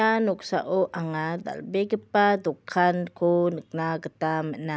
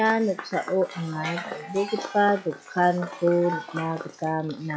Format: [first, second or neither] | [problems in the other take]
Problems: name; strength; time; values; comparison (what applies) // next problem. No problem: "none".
first | noise reduction (classical method log-MMSE)